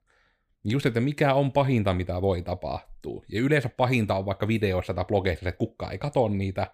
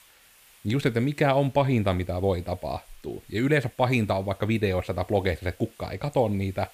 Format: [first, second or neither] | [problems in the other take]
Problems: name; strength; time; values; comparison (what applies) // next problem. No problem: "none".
first | hiss; faint; throughout; 30 dB below the speech